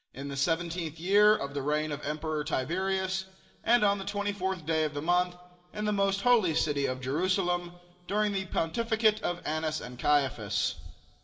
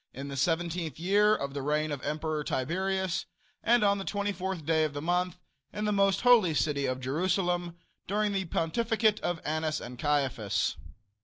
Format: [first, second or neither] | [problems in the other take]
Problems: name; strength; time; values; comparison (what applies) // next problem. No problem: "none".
second | room echo; dies away in 1.4 s